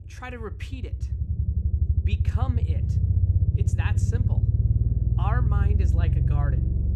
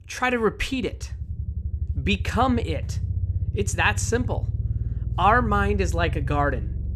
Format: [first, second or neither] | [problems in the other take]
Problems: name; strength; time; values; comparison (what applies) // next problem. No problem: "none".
second | low rumble; loud; throughout; 1 dB below the speech; faint in the second